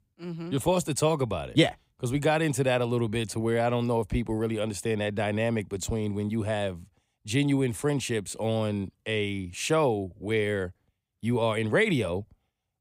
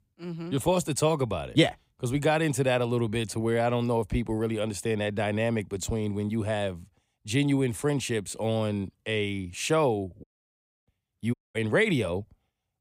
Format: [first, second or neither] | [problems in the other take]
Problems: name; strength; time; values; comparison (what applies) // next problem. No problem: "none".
first | audio cutting out; at 10 s for 0.5 s and at 11 s